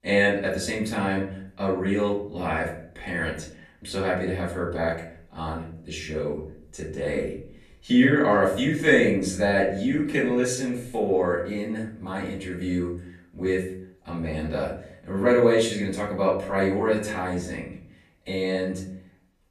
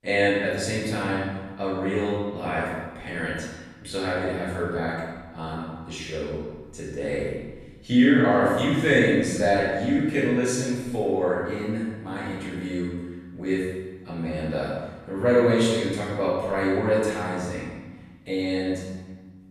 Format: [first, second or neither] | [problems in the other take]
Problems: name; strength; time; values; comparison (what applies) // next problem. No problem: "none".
first | room echo; strong; dies away in 1.2 s; slight in the first // off-mic speech; far; far in the first